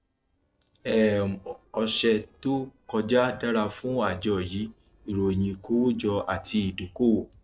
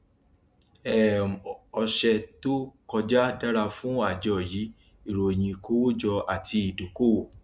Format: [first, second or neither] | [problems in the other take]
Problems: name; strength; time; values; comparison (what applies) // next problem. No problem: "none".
second | noise reduction (neural separator model SepFormer DNS4)